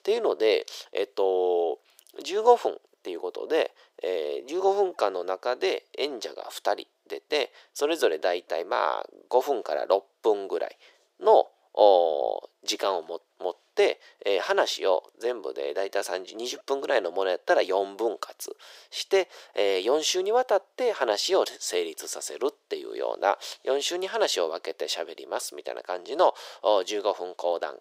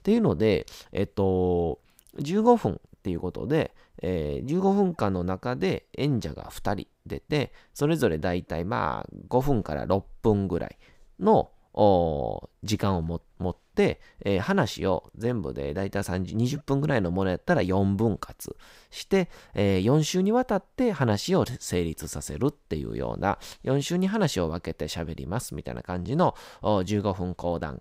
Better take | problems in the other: second | thin; very; fading below 350 Hz

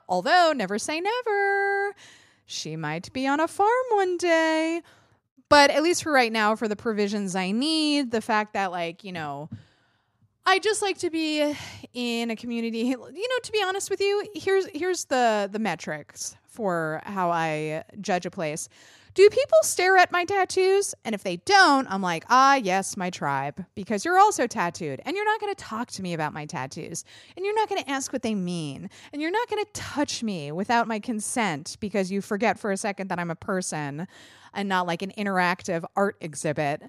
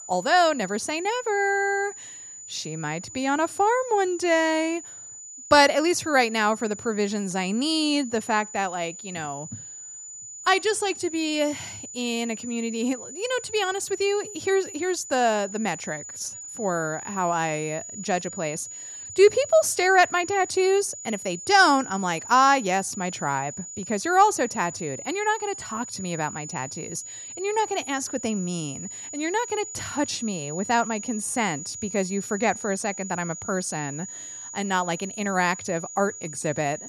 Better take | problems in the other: first | high-pitched whine; noticeable; throughout; 7 kHz, 10 dB below the speech

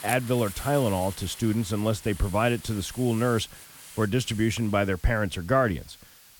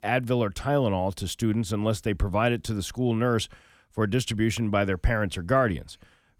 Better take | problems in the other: second | hiss; noticeable; throughout; 15 dB below the speech

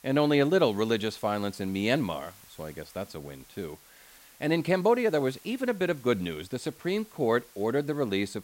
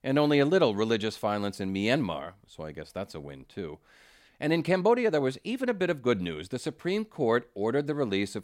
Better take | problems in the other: second | hiss; faint; throughout; 25 dB below the speech

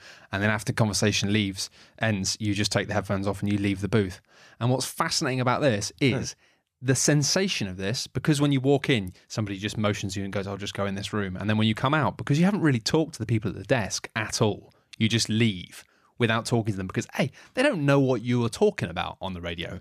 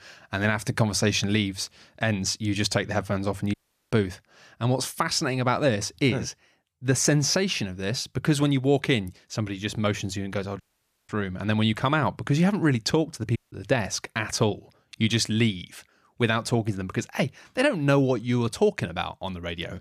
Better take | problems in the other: first | audio cutting out; at 3.5 s, at 11 s and at 13 s

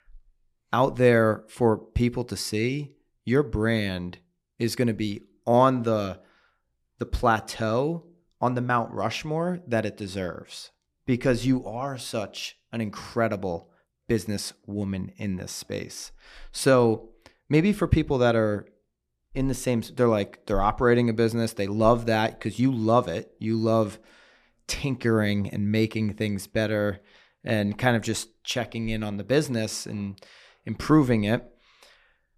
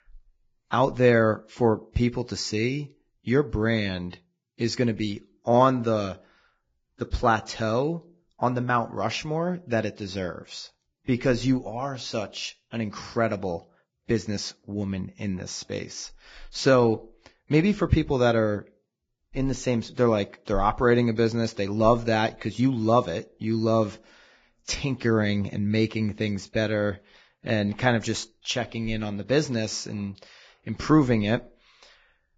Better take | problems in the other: first | garbled, watery; badly; nothing above 7.5 kHz

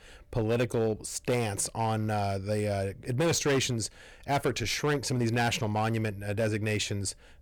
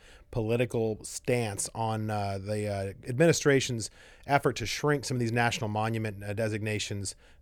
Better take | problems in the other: second | distortion; heavy; 8% of the sound clipped

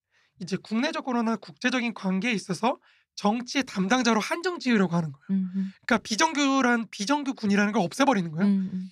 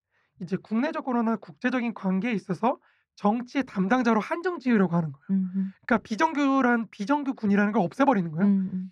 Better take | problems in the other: first | muffled; slightly; fading above 2.5 kHz

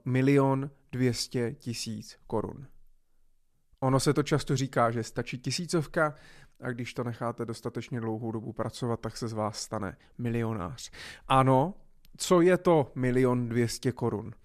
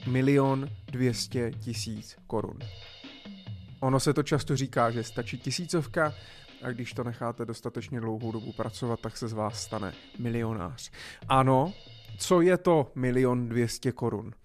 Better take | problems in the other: first | background music; noticeable; throughout; 20 dB below the speech

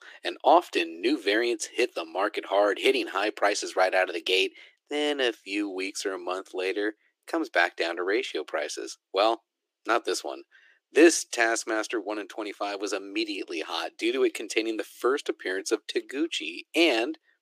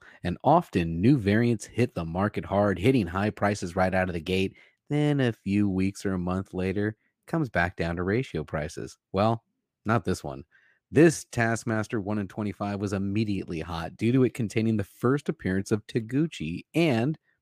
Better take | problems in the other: second | thin; very; fading below 300 Hz

